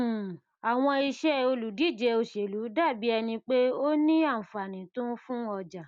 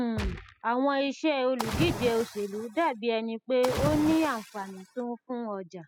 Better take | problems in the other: first | noise reduction (classical method spectral subtraction)

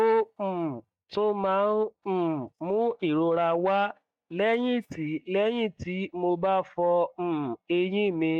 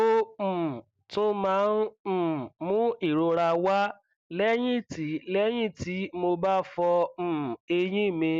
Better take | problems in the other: second | noise reduction (neural mask model DeepFilterNet 3)

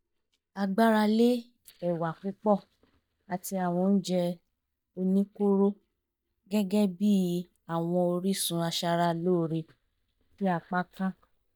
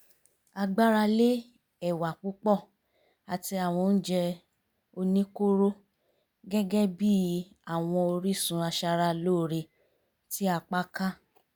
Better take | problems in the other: second | noise reduction (neural mask model DeepFilterNet 3)

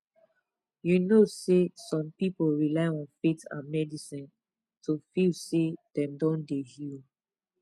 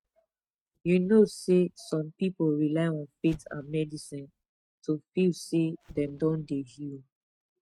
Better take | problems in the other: first | noise reduction (neural mask model RNNoise)

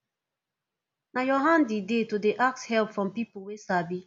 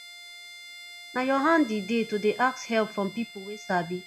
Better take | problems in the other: first | background sound (Bowed string instrument); 16 dB below the speech

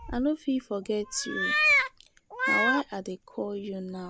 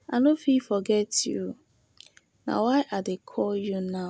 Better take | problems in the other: second | background sound (Meow); 2 dB above the speech

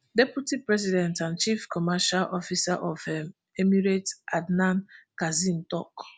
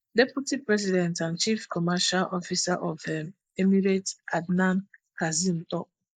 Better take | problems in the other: first | noise reduction (neural mask model Resemble Enhance denoiser)

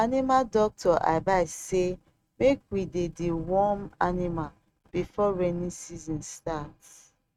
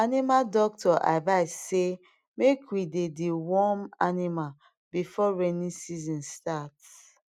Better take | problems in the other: second | noise reduction (neural mask model RNNoise)

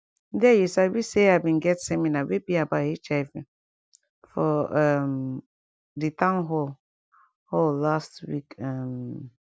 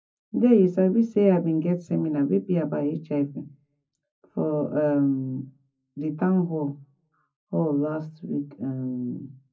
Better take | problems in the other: first | room echo; dies away in 0.4 s

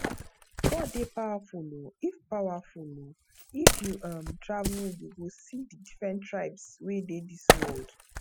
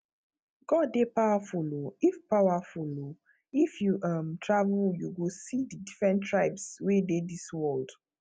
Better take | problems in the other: second | noise reduction (classical method spectral subtraction)

